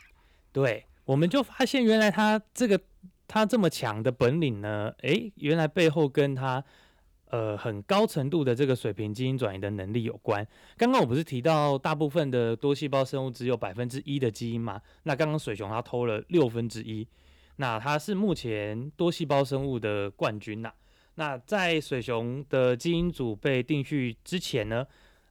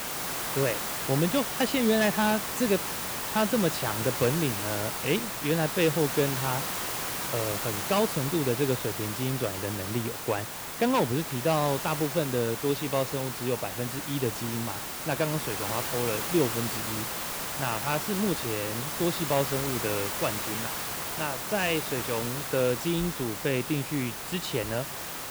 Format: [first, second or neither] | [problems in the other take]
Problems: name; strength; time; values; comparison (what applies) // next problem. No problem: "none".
first | hiss; loud; throughout; 2 dB below the speech